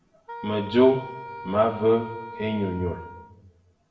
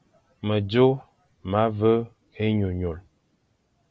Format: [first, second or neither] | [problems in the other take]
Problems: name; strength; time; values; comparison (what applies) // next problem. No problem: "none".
second | background sound (Wind instrument, woodwind instrument); 14 dB below the speech // room echo; dies away in 0.8 s